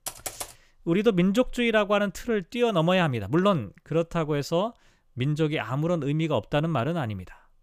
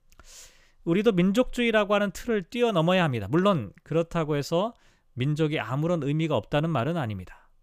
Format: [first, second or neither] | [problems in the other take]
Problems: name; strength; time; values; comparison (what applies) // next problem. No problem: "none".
second | keyboard typing; noticeable; at the start; peak 9 dB below the speech